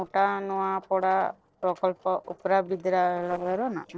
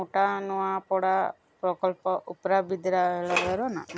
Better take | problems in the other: second | noise reduction (neural separator model SepFormer DNS4)

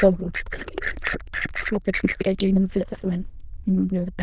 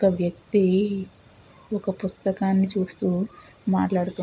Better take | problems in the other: second | noise reduction (neural diffusion model UNIVERSE++)

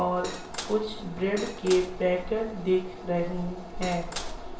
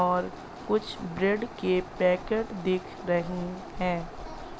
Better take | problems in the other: second | background sound (Cutlery, silverware / Dishes, pots, and pans); 11 dB below the speech // room echo; dies away in 0.6 s

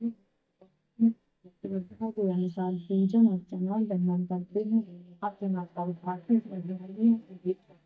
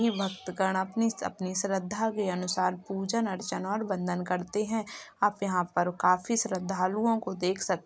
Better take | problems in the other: second | noise reduction (neural mask model DeepFilterNet 3)

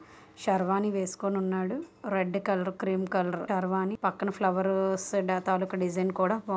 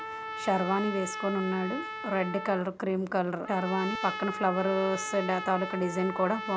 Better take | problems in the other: first | background sound (Trumpet); 8 dB below the speech

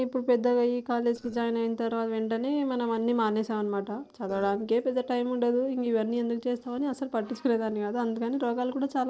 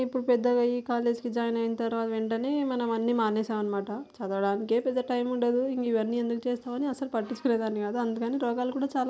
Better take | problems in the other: second | noise reduction (neural separator model SepFormer DNS4)

